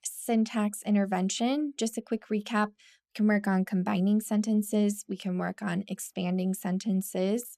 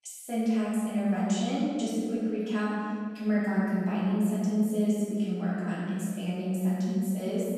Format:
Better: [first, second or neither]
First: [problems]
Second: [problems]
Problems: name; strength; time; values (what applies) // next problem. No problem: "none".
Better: first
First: none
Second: room echo; strong; dies away in 2.2 s // off-mic speech; far